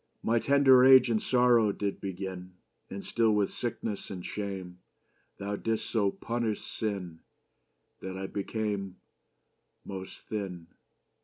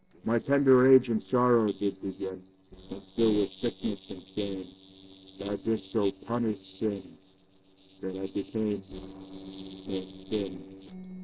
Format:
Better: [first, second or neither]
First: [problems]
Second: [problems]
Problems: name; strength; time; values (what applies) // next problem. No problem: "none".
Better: first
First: none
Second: noise reduction (neural separator model SepFormer DNS4)